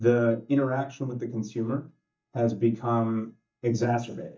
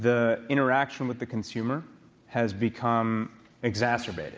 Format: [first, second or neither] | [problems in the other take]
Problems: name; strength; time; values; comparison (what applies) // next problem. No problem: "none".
second | noise reduction (neural mask model DeepFilterNet 3)